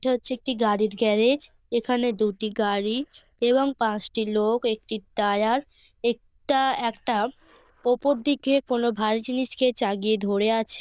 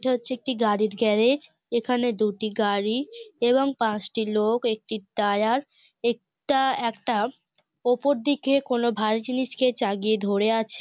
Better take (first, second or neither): second